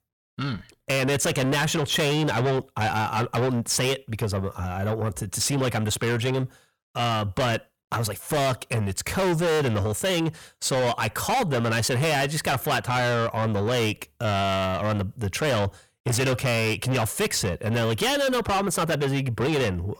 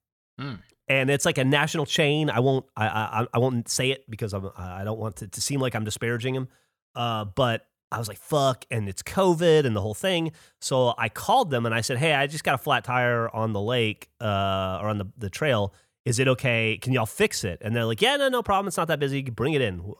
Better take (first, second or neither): second